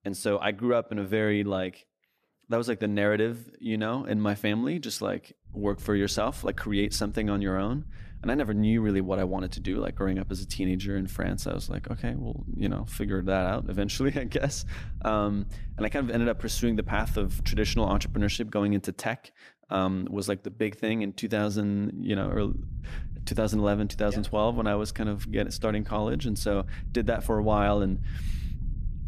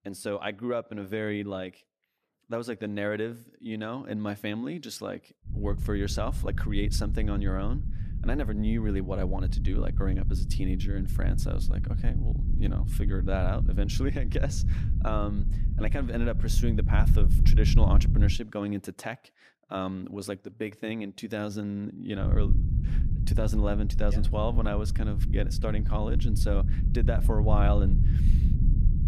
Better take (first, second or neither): first